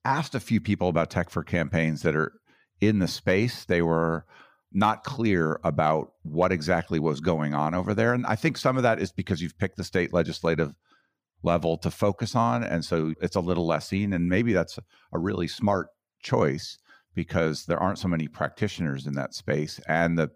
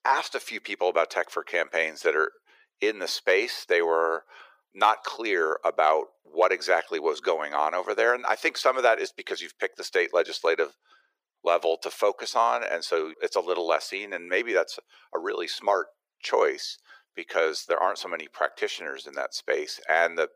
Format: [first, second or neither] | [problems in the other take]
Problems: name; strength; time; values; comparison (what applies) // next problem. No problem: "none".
first | thin; very; fading below 400 Hz